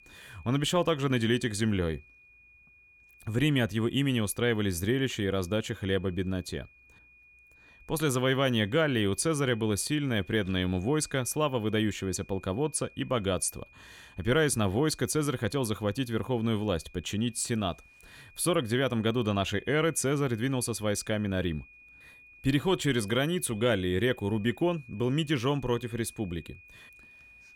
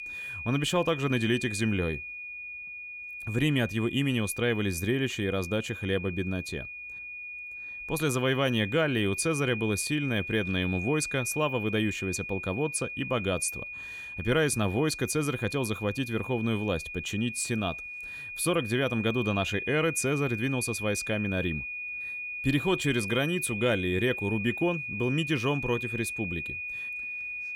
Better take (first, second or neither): first